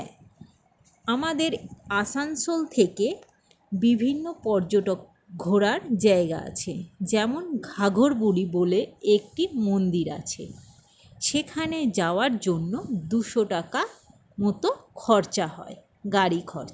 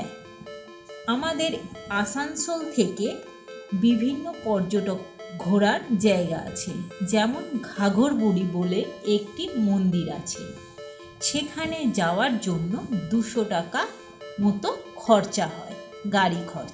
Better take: first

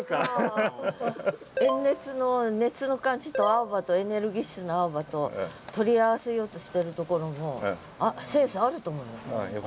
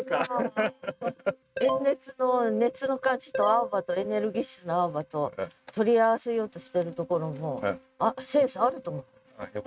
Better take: first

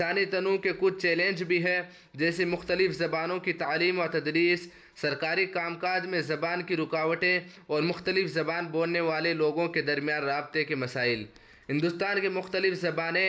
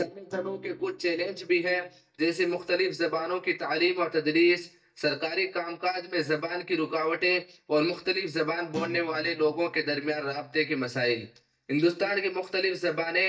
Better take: first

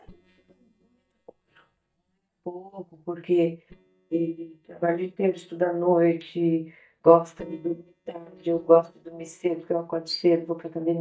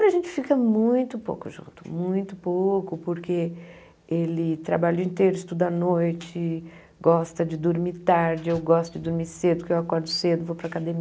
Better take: second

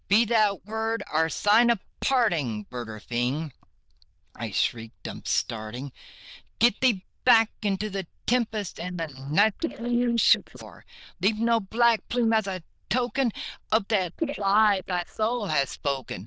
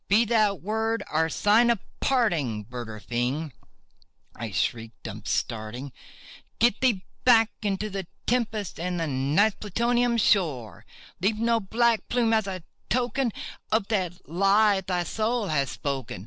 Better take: second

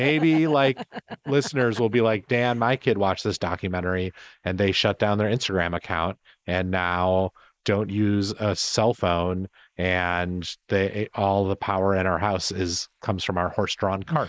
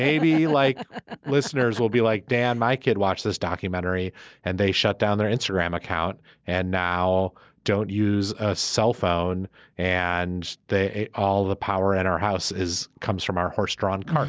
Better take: second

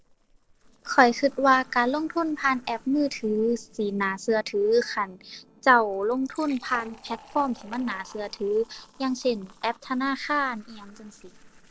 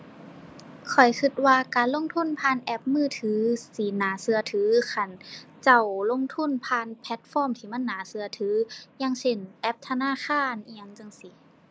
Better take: second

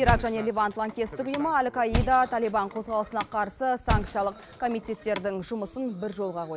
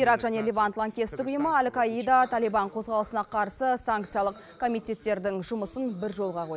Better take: second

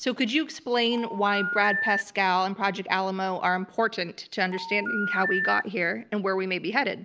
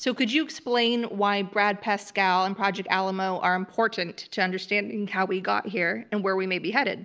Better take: second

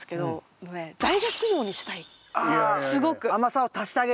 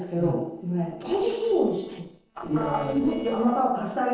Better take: first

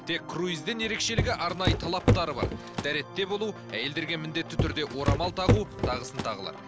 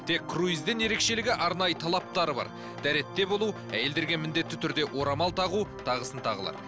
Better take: second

